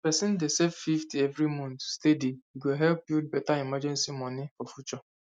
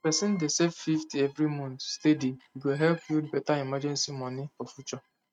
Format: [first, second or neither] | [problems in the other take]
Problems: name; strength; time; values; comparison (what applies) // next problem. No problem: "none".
first | noise reduction (neural mask model RNNoise)